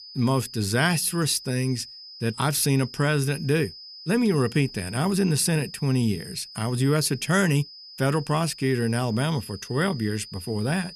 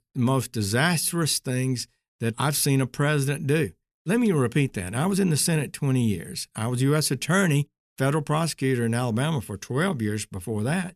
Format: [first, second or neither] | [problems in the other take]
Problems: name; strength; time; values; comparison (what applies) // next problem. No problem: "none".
second | high-pitched whine; noticeable; throughout; 5 kHz, 15 dB below the speech